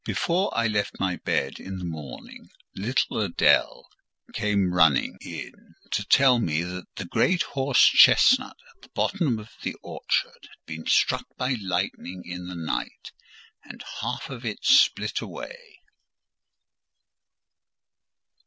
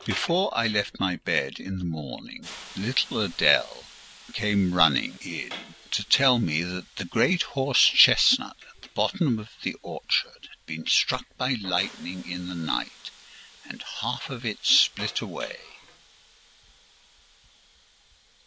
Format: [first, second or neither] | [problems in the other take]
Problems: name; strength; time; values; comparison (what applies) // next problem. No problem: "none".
first | background sound (Hiss); 20 dB below the speech